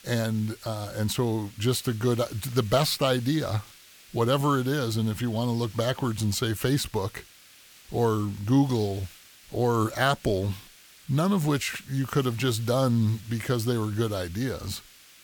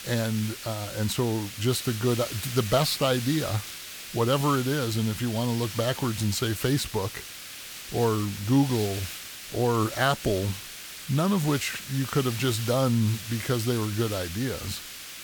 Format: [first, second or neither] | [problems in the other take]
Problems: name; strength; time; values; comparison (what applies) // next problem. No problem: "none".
first | hiss; loud; throughout; 9 dB below the speech; faint in the first